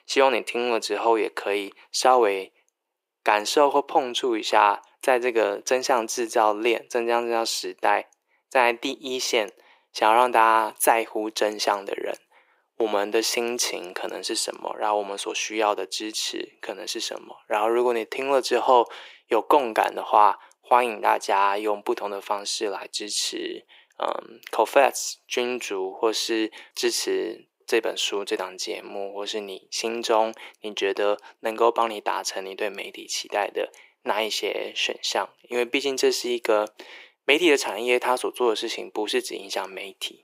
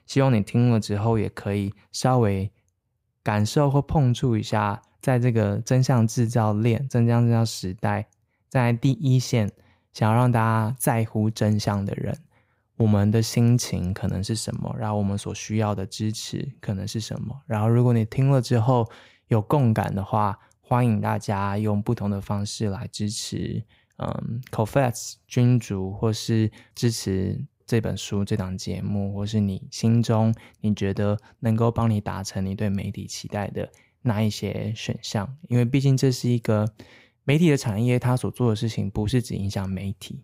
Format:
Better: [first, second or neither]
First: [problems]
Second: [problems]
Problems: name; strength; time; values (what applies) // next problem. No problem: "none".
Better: second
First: thin; very; fading below 350 Hz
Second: none